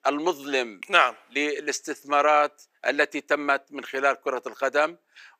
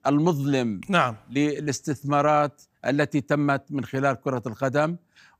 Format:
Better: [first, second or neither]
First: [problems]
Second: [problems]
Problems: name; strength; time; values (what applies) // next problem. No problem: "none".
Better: second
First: thin; somewhat; fading below 400 Hz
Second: none